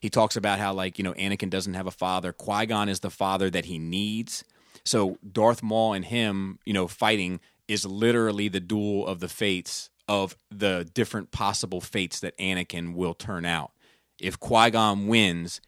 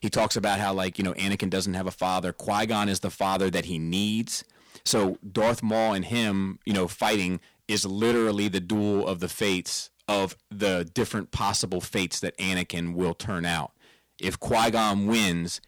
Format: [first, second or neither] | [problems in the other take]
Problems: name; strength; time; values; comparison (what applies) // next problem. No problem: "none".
first | distortion; heavy; 7% of the sound clipped